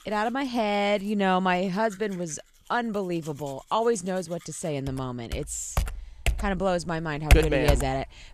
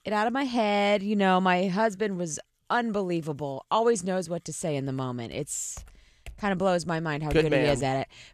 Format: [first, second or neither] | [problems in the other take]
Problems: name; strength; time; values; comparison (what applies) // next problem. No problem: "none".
second | household noises; loud; throughout; 1 dB below the speech; faint in the second